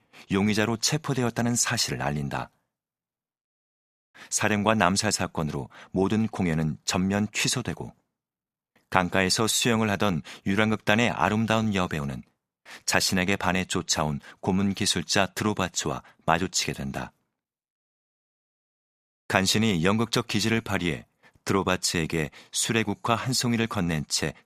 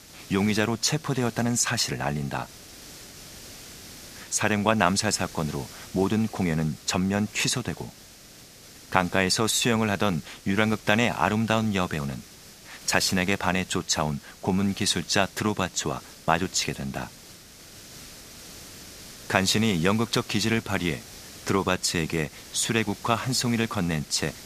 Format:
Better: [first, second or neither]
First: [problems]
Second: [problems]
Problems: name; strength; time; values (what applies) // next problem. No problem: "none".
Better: first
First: none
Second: hiss; noticeable; throughout; 20 dB below the speech